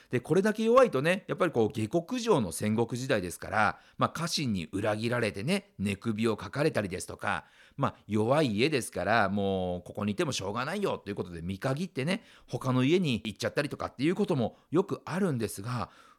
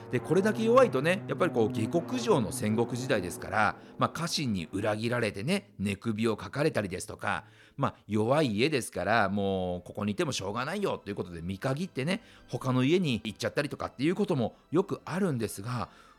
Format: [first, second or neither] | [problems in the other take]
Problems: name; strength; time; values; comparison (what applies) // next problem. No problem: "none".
first | background music; noticeable; throughout; 10 dB below the speech